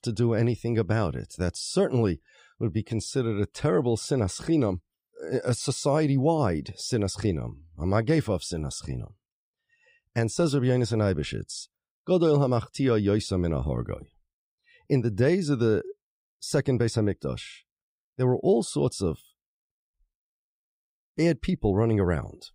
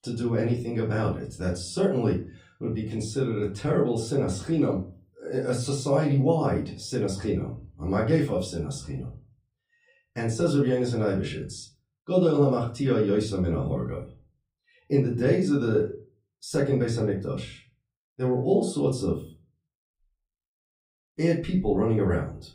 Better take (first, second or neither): first